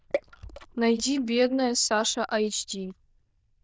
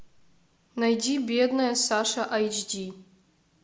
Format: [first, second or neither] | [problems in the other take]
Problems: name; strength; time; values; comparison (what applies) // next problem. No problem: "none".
second | noise reduction (neural diffusion model UNIVERSE++)